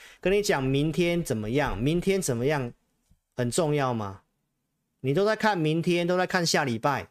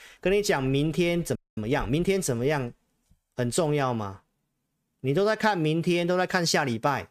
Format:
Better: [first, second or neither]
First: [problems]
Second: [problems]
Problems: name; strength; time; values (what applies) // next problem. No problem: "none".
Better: first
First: none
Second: audio freezing; at 1.5 s